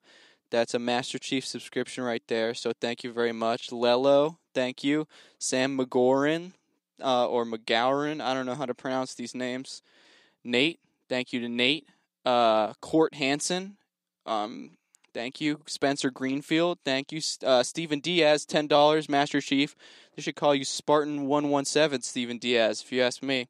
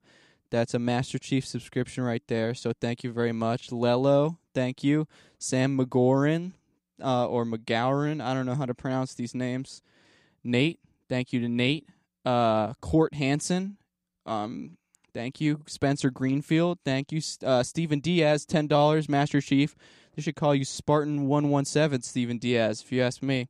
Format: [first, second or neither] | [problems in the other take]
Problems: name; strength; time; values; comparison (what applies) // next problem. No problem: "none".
second | thin; very slightly; fading below 300 Hz